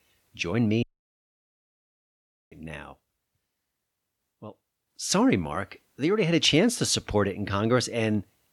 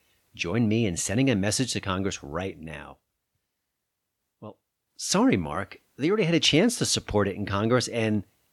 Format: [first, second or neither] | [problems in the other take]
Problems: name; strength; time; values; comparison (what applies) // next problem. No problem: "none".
second | audio cutting out; at 1 s for 1.5 s